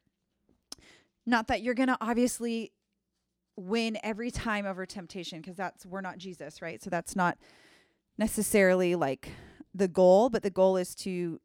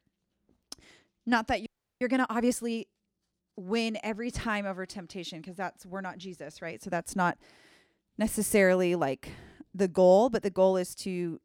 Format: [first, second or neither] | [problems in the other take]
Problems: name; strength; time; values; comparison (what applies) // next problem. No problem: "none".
first | audio freezing; at 1.5 s